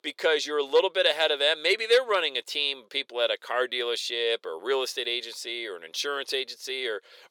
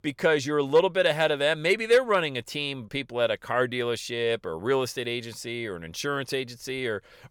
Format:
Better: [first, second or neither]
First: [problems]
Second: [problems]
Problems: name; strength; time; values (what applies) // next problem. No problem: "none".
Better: second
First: thin; somewhat; fading below 400 Hz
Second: none